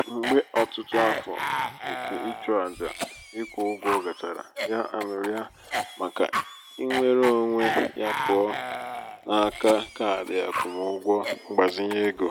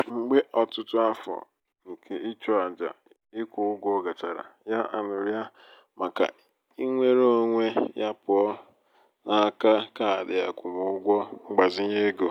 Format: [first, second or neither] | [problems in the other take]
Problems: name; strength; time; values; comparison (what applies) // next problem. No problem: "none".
second | background sound (Cough); 6 dB below the speech